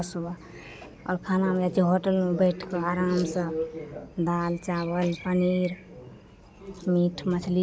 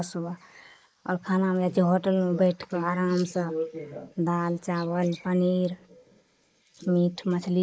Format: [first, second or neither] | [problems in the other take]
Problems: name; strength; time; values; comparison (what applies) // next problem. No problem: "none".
first | noise reduction (neural mask model Resemble Enhance denoiser)